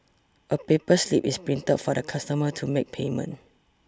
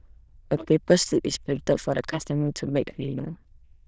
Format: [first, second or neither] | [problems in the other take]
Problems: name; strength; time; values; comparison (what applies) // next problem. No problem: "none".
first | noise reduction (neural diffusion model UNIVERSE++)